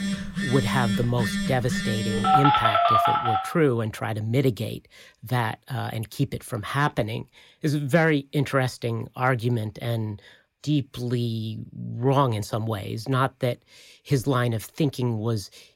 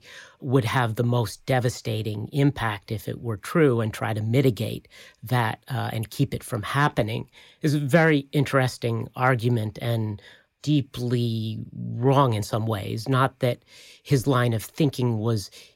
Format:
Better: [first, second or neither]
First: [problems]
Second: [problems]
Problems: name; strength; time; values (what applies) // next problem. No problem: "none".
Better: second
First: alarms or sirens; very loud; until 3.5 s; 3 dB above the speech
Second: none